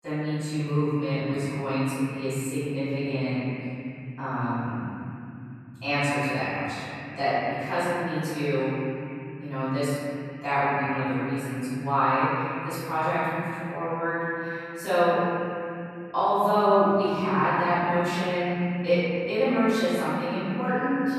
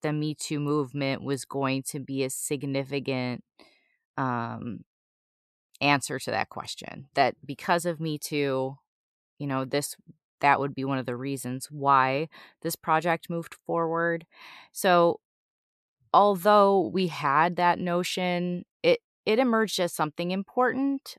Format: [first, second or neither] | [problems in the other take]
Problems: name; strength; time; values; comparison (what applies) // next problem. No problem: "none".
second | off-mic speech; far // room echo; strong; dies away in 3 s